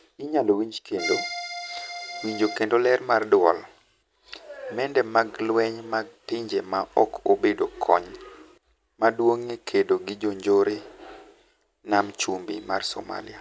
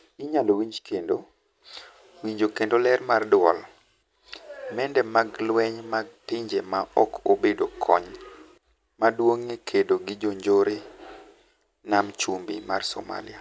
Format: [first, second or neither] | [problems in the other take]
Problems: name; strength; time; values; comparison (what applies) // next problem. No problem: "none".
second | background sound (Accordion); 7 dB below the speech